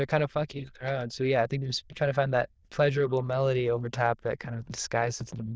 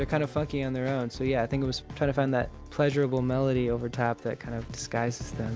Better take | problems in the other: second | noise reduction (neural diffusion model UNIVERSE++)

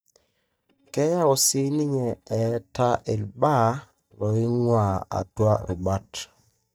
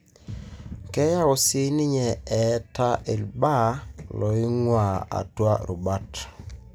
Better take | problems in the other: second | noise reduction (neural mask model DeepFilterNet 3)

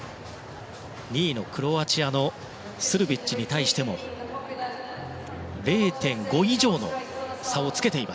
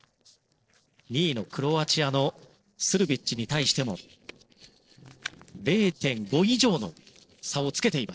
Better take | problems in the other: first | noise reduction (neural separator model SepFormer DNS4)

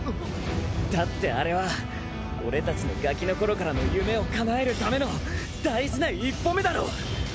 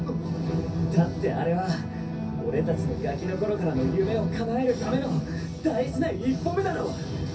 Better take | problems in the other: first | room echo; dies away in 0.3 s

